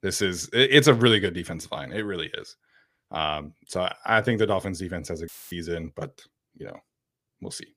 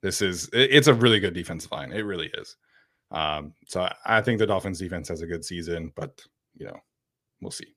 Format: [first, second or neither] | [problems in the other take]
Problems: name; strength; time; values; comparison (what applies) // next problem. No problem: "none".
second | audio cutting out; filled with static; at 5.5 s